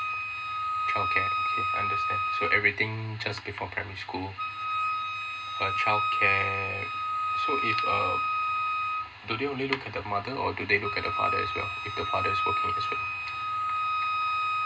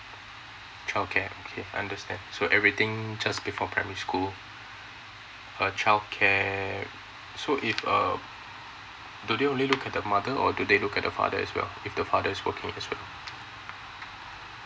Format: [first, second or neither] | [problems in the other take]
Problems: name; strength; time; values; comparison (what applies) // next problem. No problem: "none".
second | background sound (Wind instrument, woodwind instrument); 2 dB above the speech // room echo; dies away in 0.2 s